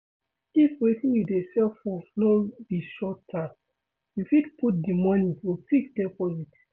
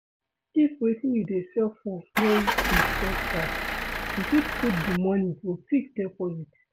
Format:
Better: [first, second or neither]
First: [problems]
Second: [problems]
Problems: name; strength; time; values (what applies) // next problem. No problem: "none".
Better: first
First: none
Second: background sound (Engine starting / Car); as loud as the speech